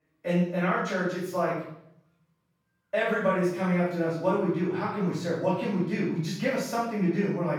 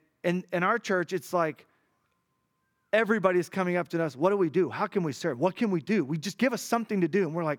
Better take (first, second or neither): second